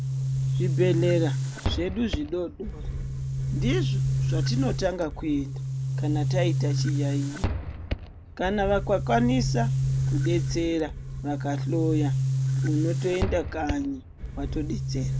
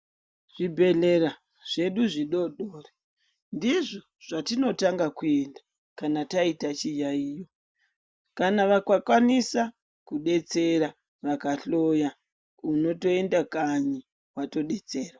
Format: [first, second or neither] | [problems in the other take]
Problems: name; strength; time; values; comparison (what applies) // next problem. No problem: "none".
second | background sound (Boom); 2 dB above the speech